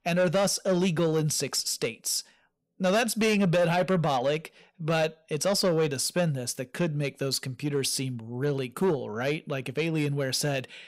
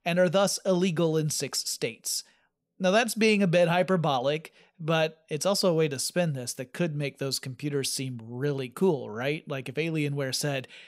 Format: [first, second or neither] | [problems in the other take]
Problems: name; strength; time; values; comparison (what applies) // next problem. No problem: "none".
second | distortion; slight; 10 dB below the speech